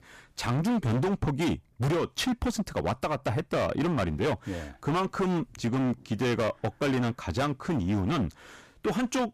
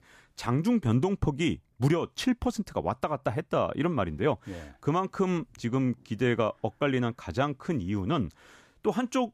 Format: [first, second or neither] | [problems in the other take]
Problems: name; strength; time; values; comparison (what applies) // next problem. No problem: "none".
second | distortion; heavy; 20% of the sound clipped